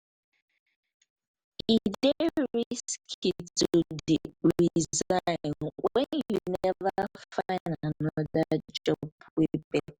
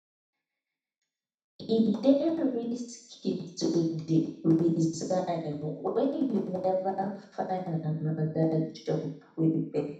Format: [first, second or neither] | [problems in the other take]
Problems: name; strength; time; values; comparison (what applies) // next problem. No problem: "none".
first | room echo; dies away in 0.7 s